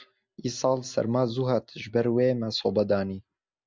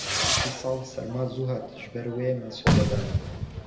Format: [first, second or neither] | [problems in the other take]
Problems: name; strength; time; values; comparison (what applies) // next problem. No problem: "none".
first | background sound (Fireworks); 4 dB above the speech // room echo; dies away in 0.8 s